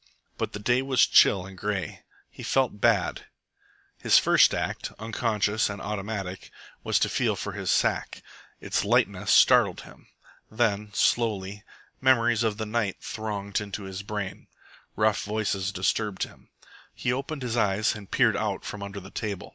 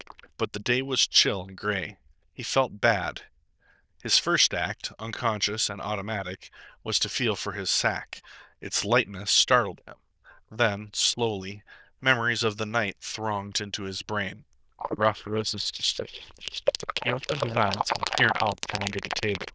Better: first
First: none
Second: noise reduction (neural diffusion model UNIVERSE++)

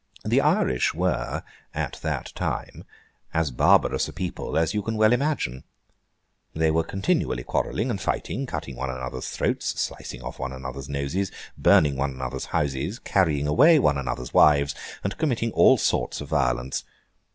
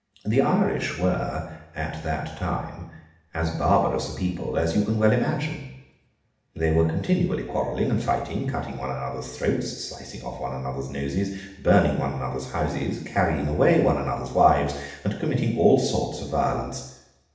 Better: first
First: none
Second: room echo; dies away in 0.8 s

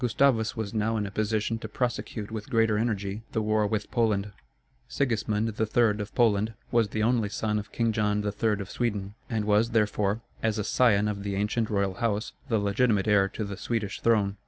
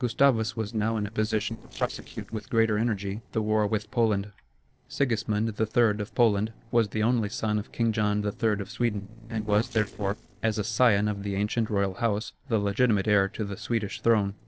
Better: first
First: none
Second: noise reduction (neural separator model SepFormer DNS4)

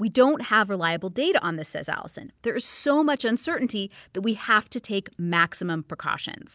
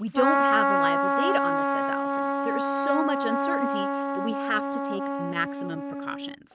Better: first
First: none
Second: noise reduction (neural mask model RNNoise)

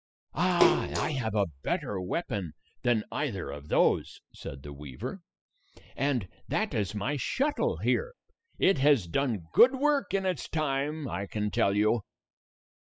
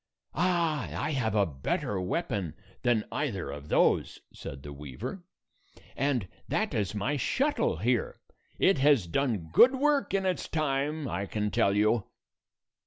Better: second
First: noise reduction (classical method spectral subtraction)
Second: none

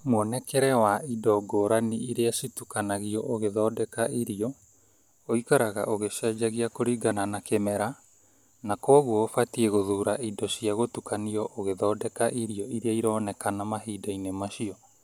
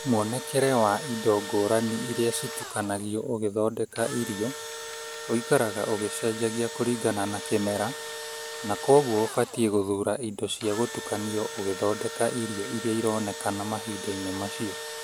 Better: first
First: none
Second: background sound (Engine / Drill); 10 dB below the speech

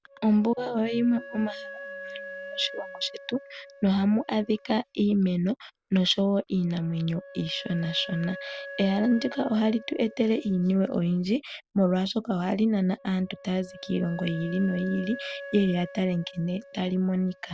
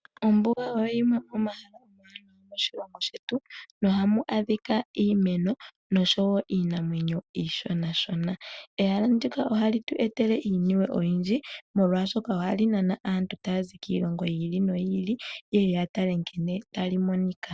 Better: second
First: background sound (Wind instrument, woodwind instrument); 17 dB below the speech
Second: none

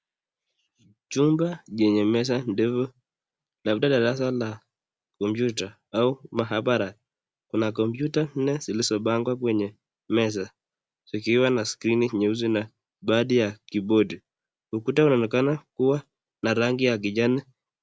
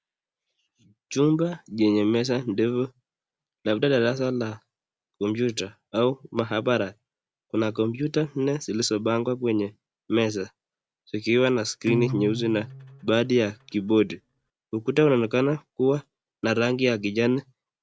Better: first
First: none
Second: background sound (Acoustic guitar); 10 dB below the speech

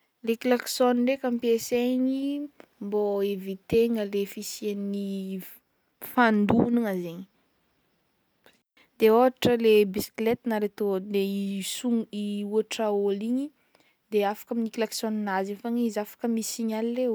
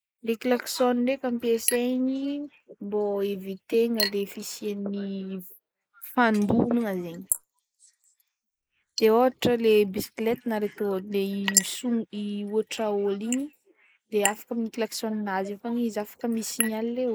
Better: first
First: none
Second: noise reduction (neural mask model Resemble Enhance denoiser)

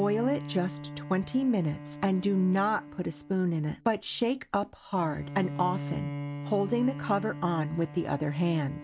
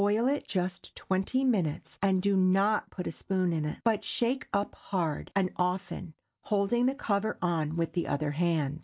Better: second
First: background sound (Bowed string instrument); 11 dB below the speech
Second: none

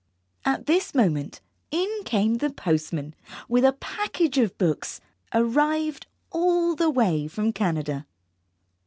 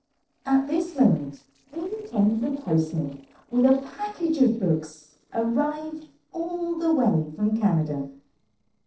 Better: first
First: none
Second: noise reduction (neural separator model SepFormer DNS4)

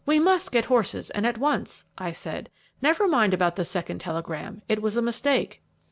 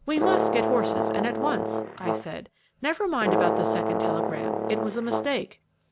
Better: first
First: none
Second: background sound (Brass instrument); 2 dB above the speech

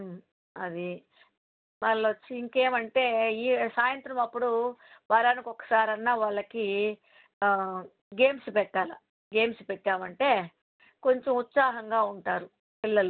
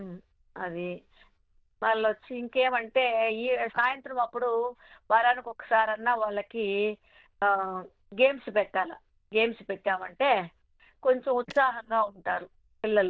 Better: first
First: none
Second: noise reduction (neural diffusion model UNIVERSE++)

